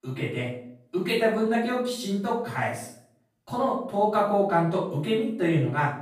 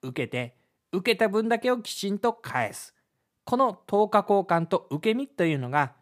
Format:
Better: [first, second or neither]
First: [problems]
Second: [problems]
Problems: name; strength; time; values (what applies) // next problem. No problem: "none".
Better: second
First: off-mic speech; far // room echo; noticeable; dies away in 0.5 s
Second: none